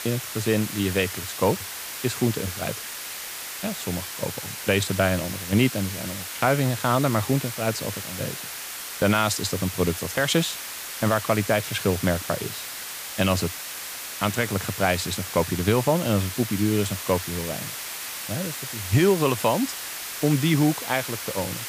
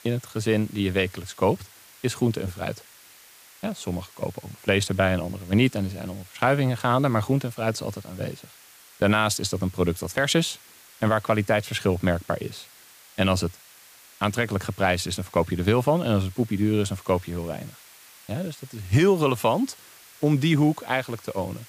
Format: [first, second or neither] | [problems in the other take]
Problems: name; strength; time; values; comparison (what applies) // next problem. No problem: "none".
second | hiss; loud; throughout; 7 dB below the speech; faint in the second